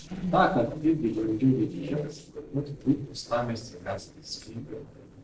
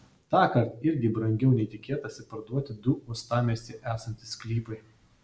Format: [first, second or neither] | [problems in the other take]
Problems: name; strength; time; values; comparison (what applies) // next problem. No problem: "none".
second | noise reduction (neural separator model SepFormer DNS4)